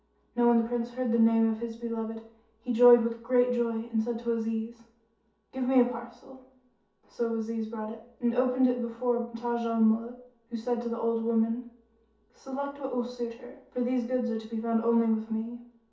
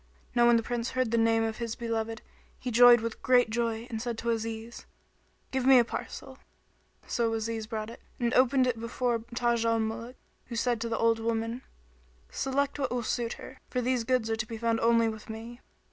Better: second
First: room echo; dies away in 0.5 s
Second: none

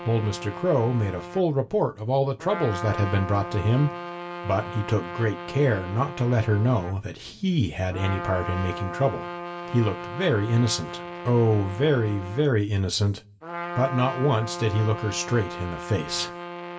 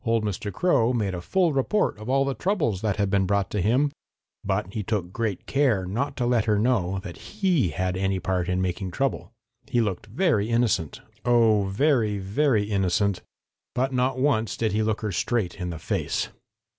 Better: second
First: background sound (Trumpet); 11 dB below the speech // room echo; dies away in 0.2 s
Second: none

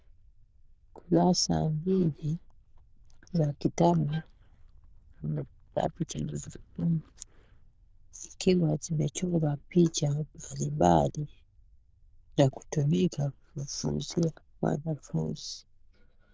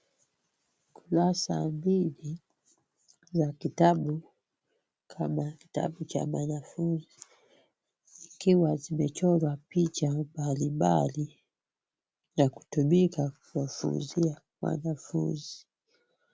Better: second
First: noise reduction (neural diffusion model UNIVERSE++)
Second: none

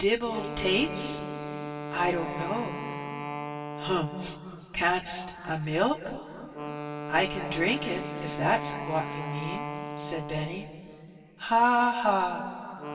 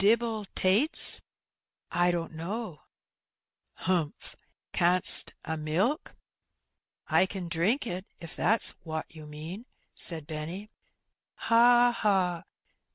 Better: second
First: background sound (Wind instrument, woodwind instrument); 8 dB below the speech // room echo; dies away in 3 s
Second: none

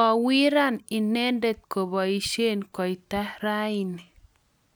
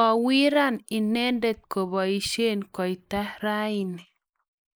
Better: first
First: none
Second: noise reduction (neural mask model Resemble Enhance denoiser)

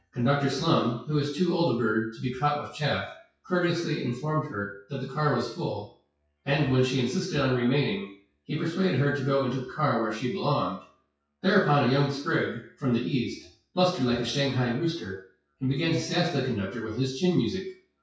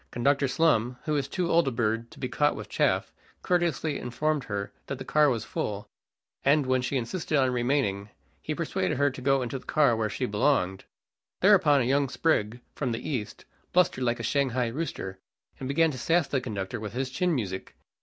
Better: second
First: noise reduction (classical method WPE with log-MMSE)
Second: none

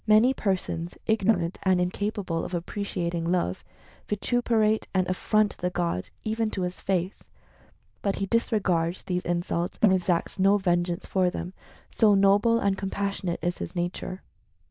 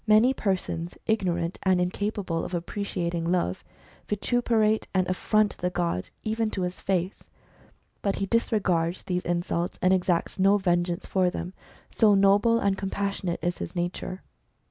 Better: second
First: noise reduction (neural diffusion model UNIVERSE++)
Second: none

